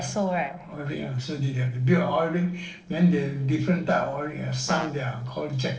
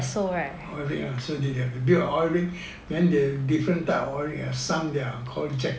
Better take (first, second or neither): second